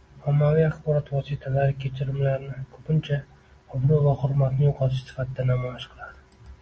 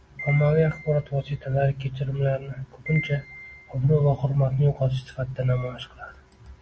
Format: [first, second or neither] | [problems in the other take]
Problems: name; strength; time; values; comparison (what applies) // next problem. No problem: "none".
first | background sound (Piano); 16 dB below the speech